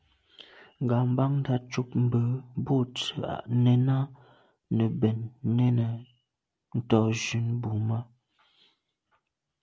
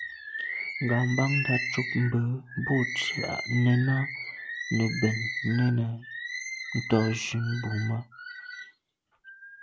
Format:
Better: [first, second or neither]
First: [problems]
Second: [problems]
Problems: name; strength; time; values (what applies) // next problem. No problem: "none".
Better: first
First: none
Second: background sound (Bird); 6 dB below the speech